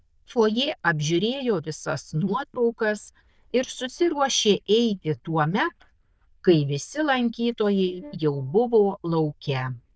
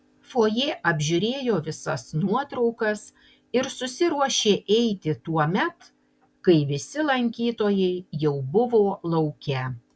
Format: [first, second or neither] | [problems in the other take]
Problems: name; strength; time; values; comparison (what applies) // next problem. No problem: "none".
second | noise reduction (neural diffusion model UNIVERSE++)